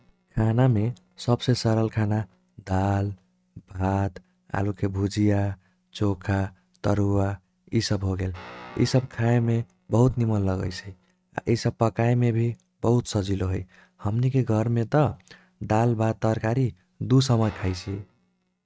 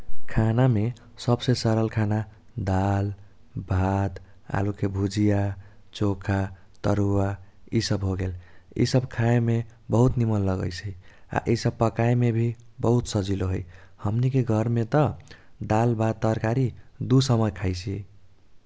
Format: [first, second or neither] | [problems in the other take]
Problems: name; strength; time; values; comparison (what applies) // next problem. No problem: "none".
second | noise reduction (neural mask model RNNoise)